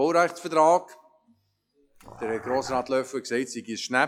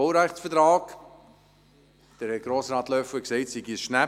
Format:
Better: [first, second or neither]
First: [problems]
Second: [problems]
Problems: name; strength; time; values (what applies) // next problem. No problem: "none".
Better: second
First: noise reduction (classical method log-MMSE)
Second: none